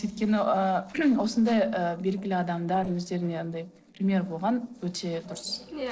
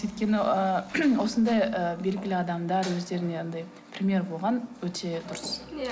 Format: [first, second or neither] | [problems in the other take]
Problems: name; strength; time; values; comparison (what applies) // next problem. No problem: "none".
second | noise reduction (neural separator model SepFormer DNS4)